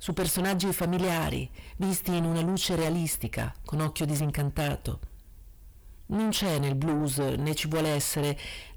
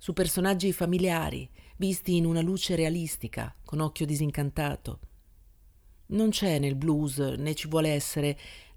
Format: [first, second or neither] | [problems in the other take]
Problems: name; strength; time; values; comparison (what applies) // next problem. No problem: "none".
second | distortion; heavy; 6 dB below the speech